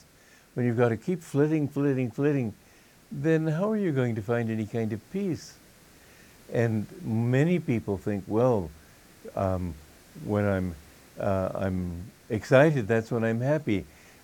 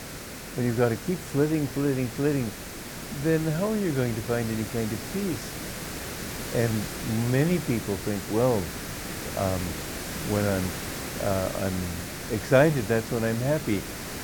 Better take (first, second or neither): first